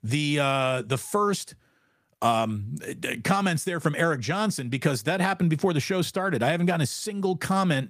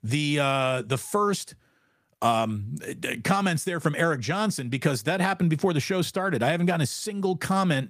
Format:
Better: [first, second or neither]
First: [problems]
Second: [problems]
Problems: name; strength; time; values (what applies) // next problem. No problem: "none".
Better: neither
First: none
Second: none